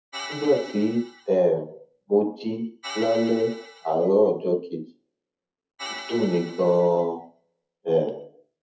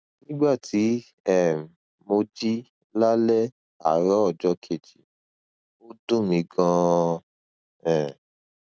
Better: second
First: noise reduction (classical method WPE with log-MMSE)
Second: none

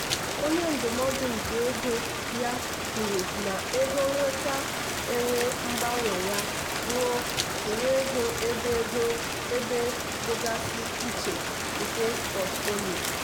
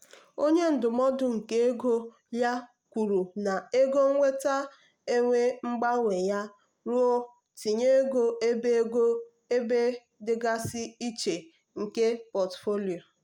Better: second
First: background sound (Rain); as loud as the speech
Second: none

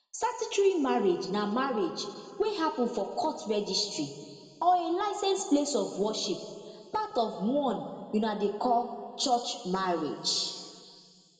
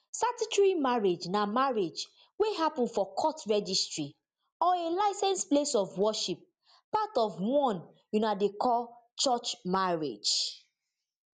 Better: second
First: room echo; dies away in 2 s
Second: none

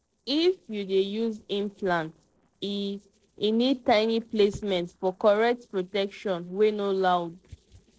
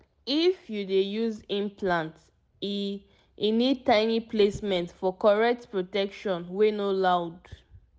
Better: second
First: noise reduction (neural separator model SepFormer DNS4)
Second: none

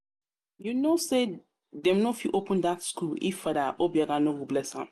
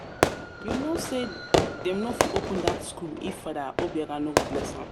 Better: first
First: none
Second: background sound (Fireworks); 3 dB above the speech

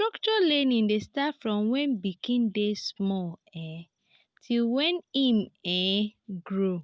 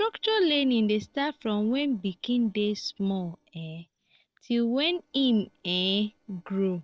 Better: first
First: none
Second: noise reduction (neural separator model SepFormer DNS4)

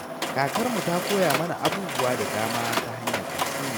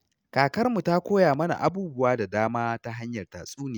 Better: second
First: background sound (Mechanisms); as loud as the speech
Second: none

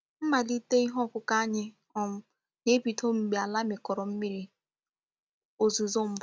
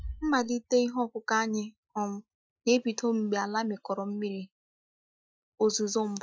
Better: first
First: none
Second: noise reduction (classical method Wiener filter)

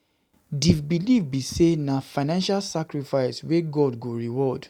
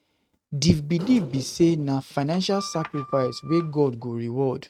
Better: first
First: none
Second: noise reduction (neural mask model RNNoise)

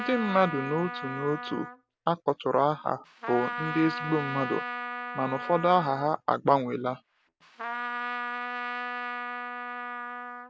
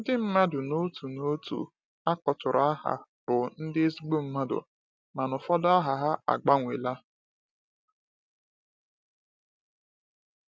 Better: second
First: background sound (Trumpet); 7 dB below the speech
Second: none

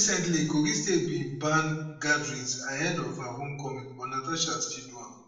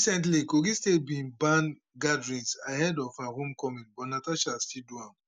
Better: second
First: room echo; dies away in 0.7 s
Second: none

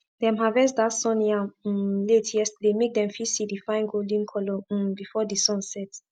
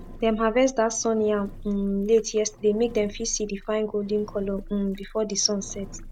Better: first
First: none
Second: background sound (Engine); 16 dB below the speech

